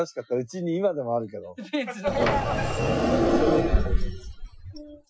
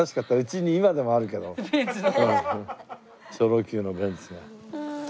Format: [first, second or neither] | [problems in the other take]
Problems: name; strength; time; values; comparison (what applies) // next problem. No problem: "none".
second | noise reduction (classical method Wiener filter)